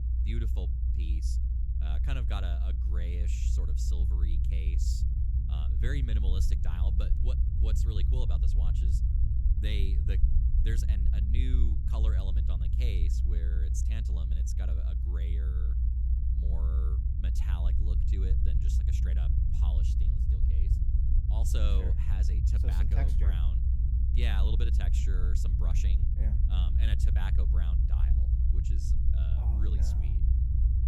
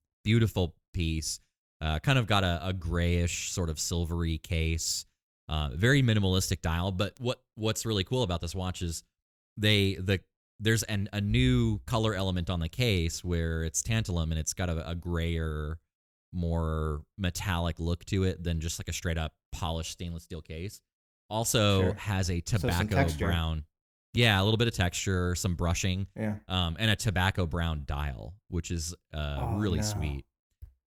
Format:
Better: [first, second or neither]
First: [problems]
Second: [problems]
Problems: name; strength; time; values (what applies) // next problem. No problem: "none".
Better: second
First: low rumble; loud; throughout; 1 dB below the speech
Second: none